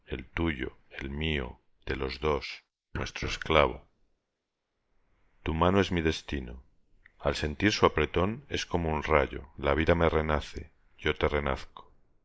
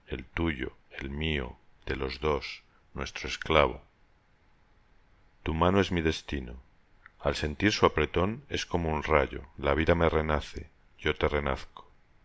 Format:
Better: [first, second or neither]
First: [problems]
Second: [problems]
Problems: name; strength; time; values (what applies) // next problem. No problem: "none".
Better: second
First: noise reduction (neural mask model Resemble Enhance denoiser)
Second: none